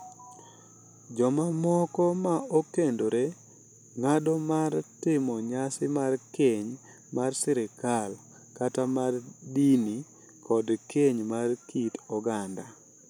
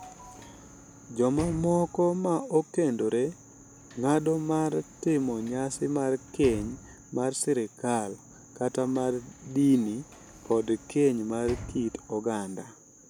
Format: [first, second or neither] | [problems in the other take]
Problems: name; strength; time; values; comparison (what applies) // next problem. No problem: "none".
first | background sound (Sliding door / Slam); 19 dB below the speech